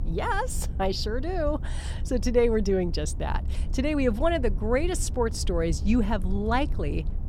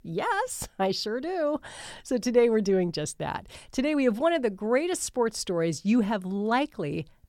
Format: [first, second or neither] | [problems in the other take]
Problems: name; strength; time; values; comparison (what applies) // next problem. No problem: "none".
second | low rumble; noticeable; throughout; 20 dB below the speech